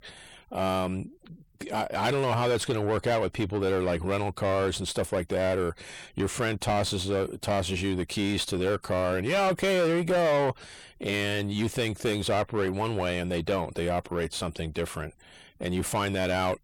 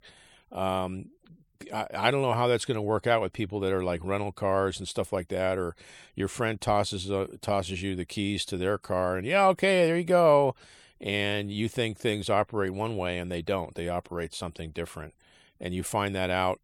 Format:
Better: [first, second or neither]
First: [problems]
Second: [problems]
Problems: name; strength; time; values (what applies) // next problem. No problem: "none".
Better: second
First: distortion; heavy; 6 dB below the speech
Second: none